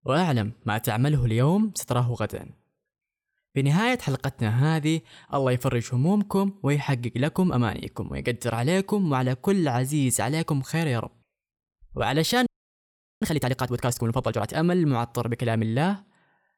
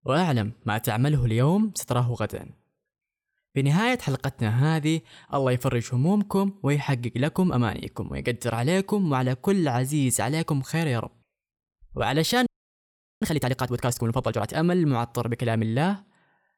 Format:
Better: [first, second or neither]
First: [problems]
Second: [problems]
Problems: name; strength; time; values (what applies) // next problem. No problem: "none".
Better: neither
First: audio freezing; at 12 s for 1 s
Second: audio freezing; at 12 s for 1 s